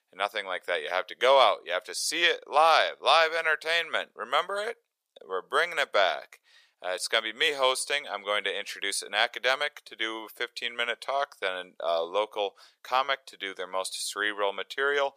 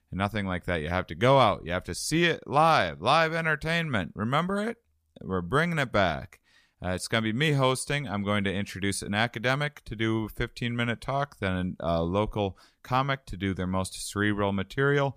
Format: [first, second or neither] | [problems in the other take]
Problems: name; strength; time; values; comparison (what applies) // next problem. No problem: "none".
second | thin; very; fading below 500 Hz